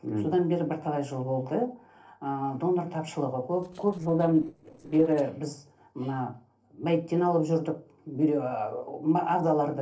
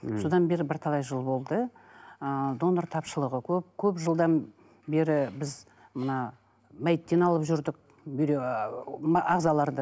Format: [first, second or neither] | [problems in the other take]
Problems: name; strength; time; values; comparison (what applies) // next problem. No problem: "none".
second | noise reduction (neural separator model SepFormer DNS4)